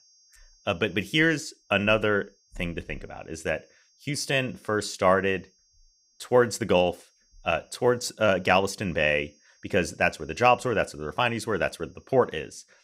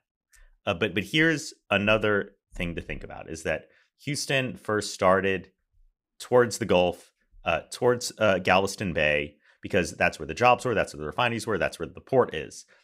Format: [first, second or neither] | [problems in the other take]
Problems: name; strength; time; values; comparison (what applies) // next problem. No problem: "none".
second | high-pitched whine; faint; throughout; 5.5 kHz, 35 dB below the speech